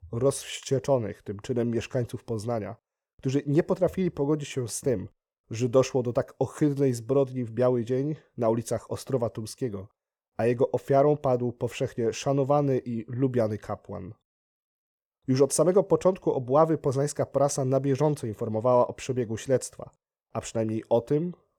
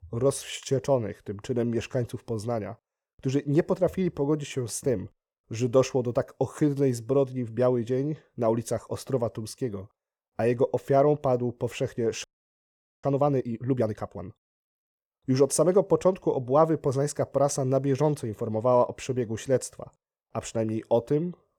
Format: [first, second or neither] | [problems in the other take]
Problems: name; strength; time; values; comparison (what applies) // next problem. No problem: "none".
first | audio freezing; at 12 s for 1 s